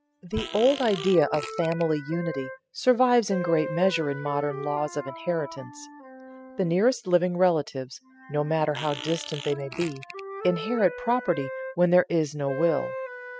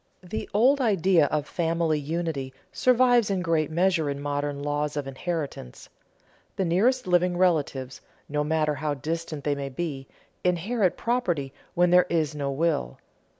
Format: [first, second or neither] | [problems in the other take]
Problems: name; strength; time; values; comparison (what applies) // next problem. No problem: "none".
second | noise reduction (classical method spectral subtraction)